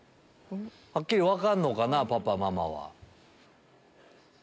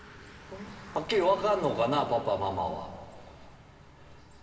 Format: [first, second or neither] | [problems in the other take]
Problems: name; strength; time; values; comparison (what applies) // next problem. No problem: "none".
first | background sound (Bicycle); 18 dB below the speech // room echo; dies away in 2.4 s